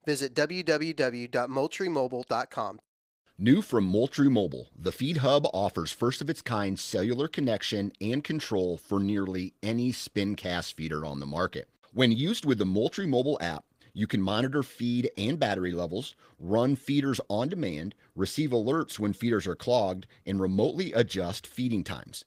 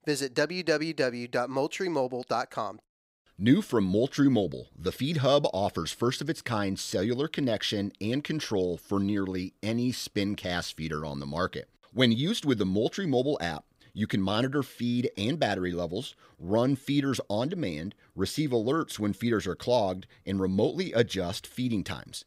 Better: second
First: garbled, watery; slightly; nothing above 15.5 kHz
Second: none

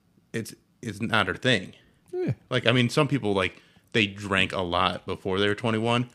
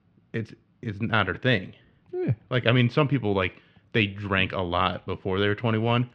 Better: first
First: none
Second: muffled; slightly; fading above 3 kHz

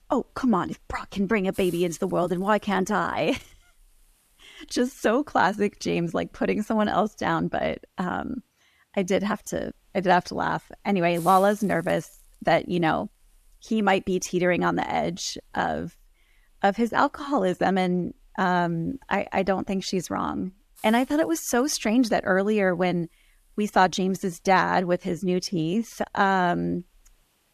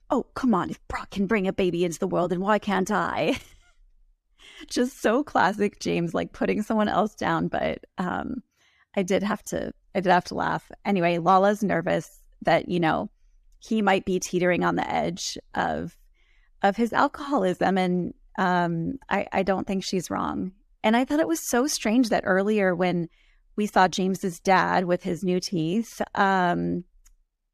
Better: second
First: hiss; faint; throughout; 25 dB below the speech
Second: none

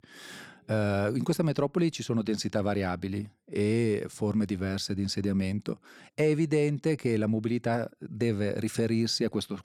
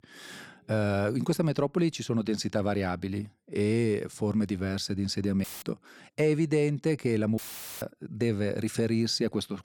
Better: first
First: none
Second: audio cutting out; filled with static; at 5.5 s and at 7.5 s

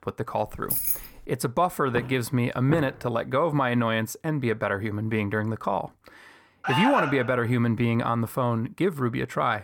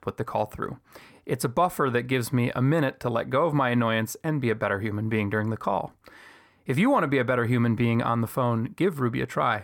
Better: second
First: jangling keys; loud; at 0.5 s; peak 2 dB above the speech // footsteps; noticeable; at 2 s; peak 8 dB below the speech // alarm; loud; at 6.5 s; peak 1 dB above the speech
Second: none

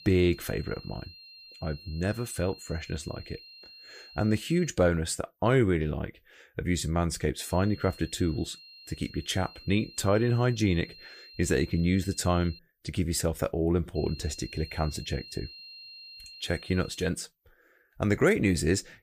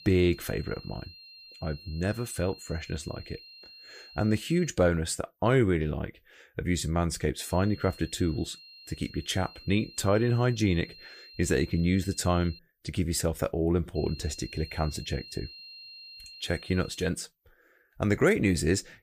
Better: neither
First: high-pitched whine; noticeable; until 4.5 s, from 7.5 to 13 s and from 14 to 17 s; 4 kHz, 20 dB below the speech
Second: high-pitched whine; noticeable; until 4.5 s, from 7.5 to 13 s and from 14 to 17 s; 4 kHz, 20 dB below the speech

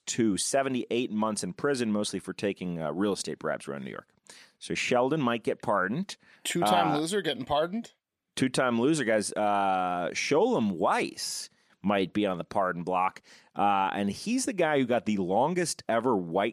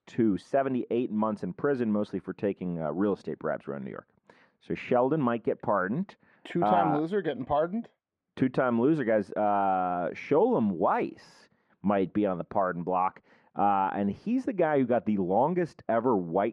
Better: first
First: none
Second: muffled; very; fading above 3.5 kHz

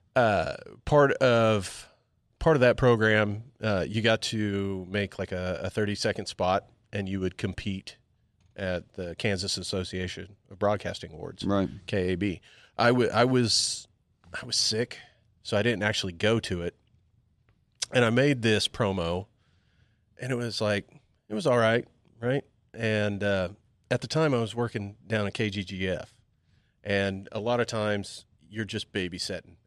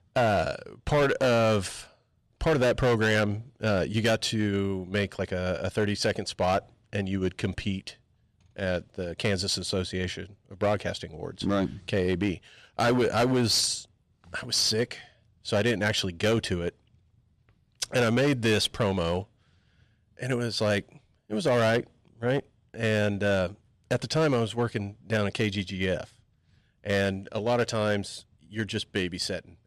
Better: first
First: none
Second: distortion; slight; 6% of the sound clipped

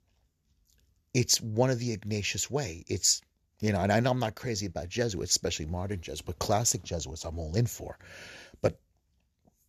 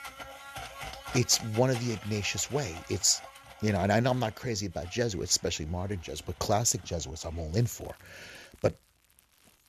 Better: first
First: none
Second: household noises; noticeable; throughout; 15 dB below the speech

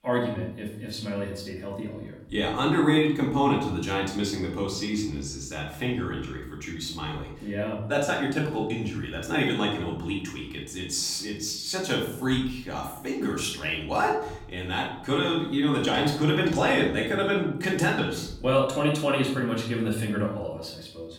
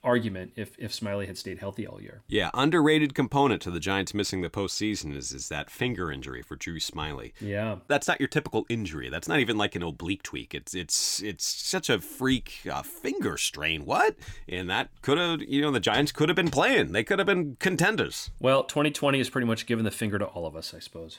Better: second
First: off-mic speech; far // room echo; noticeable; dies away in 0.7 s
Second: none

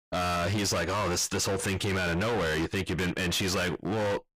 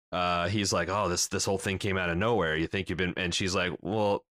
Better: second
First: distortion; heavy; 38% of the sound clipped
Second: none

